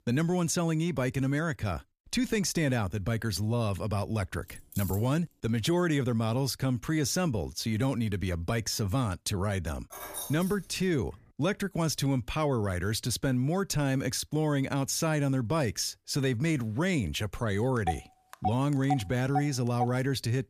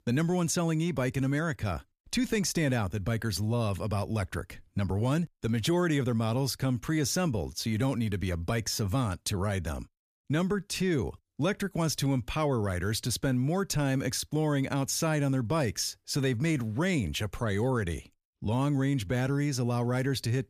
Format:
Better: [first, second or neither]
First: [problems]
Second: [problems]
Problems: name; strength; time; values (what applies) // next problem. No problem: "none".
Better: second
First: jangling keys; faint; at 4.5 s; peak 10 dB below the speech // jangling keys; noticeable; from 10 to 11 s; peak 8 dB below the speech // phone ringing; noticeable; from 18 to 20 s; peak 7 dB below the speech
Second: none